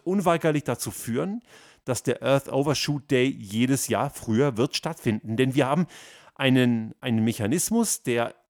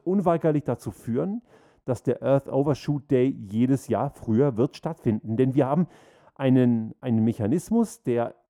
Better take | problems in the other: first | muffled; very; fading above 1.5 kHz

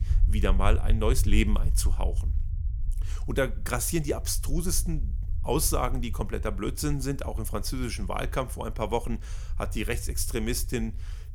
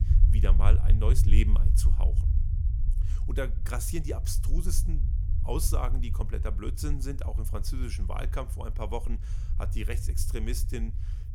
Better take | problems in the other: first | low rumble; loud; throughout; 9 dB below the speech; faint in the first

